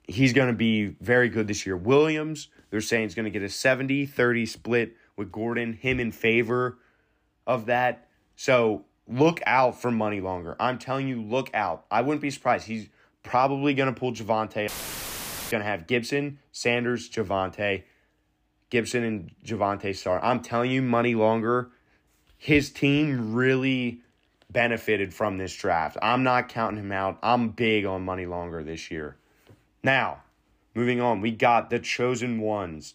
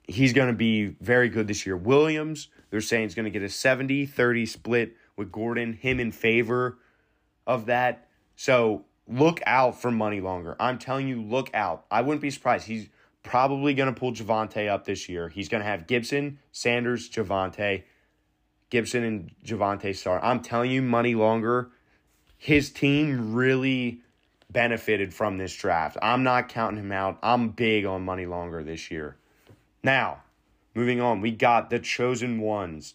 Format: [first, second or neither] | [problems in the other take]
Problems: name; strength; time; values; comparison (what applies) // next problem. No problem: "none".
second | audio cutting out; filled with static; at 15 s for 1 s